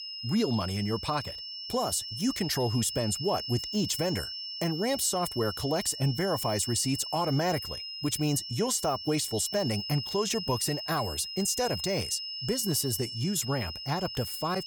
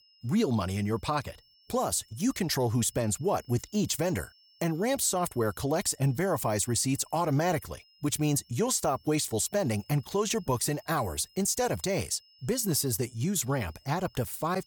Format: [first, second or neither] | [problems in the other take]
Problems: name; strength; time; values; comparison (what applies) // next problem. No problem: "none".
second | high-pitched whine; loud; throughout; 5.5 kHz, 6 dB below the speech; faint in the second